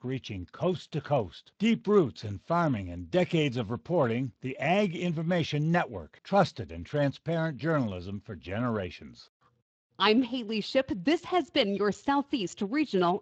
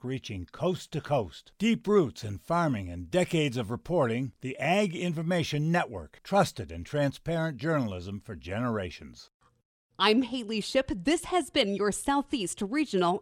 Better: second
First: garbled, watery; slightly; nothing above 7.5 kHz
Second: none

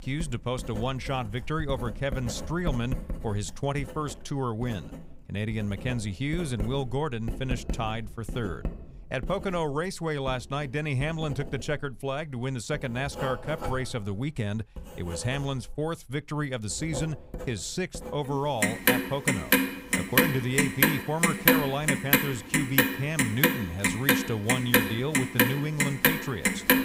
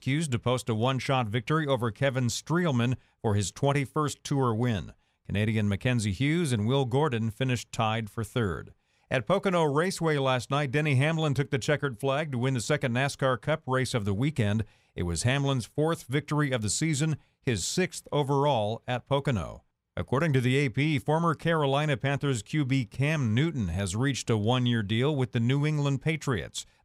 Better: second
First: household noises; very loud; throughout; 5 dB above the speech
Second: none

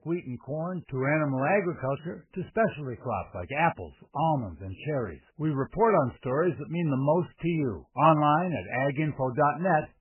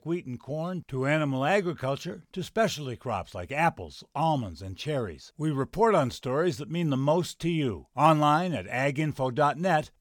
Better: second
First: garbled, watery; badly; nothing above 3 kHz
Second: none

